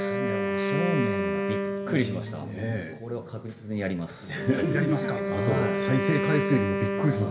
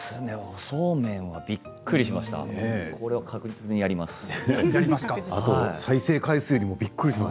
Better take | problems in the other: second | background sound (Wind instrument, woodwind instrument); 1 dB below the speech // room echo; dies away in 0.7 s

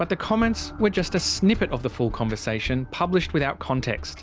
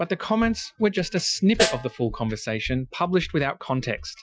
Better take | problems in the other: first | noise reduction (classical method Wiener filter)

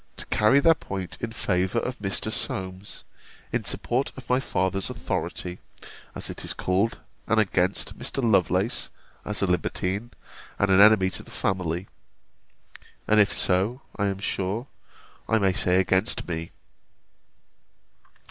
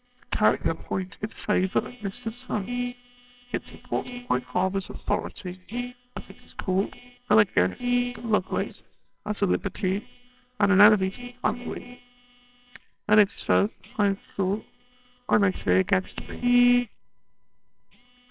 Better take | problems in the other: first | noise reduction (neural separator model SepFormer WHAMR!)

